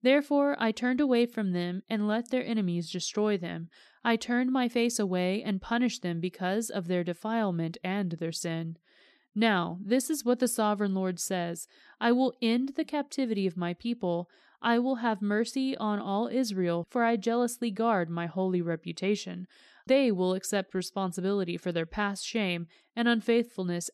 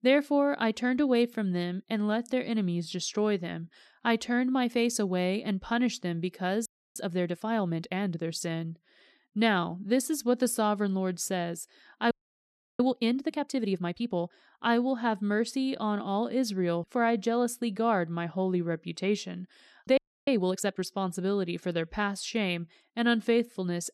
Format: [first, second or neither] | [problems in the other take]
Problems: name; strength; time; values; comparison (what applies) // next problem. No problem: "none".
first | audio freezing; at 6.5 s, at 12 s for 0.5 s and at 20 s